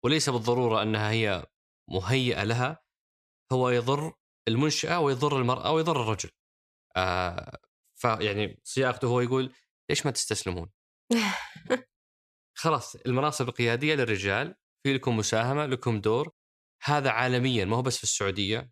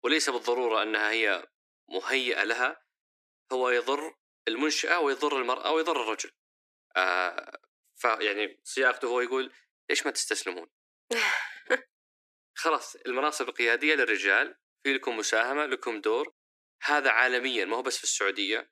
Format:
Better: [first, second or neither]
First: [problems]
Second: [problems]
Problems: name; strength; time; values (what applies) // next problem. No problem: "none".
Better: first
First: none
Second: thin; very; fading below 300 Hz